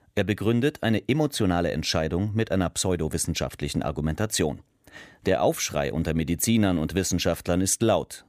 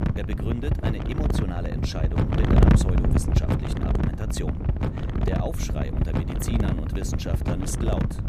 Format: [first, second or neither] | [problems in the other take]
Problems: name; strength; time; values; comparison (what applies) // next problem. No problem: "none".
first | wind noise on the microphone; heavy; 3 dB above the speech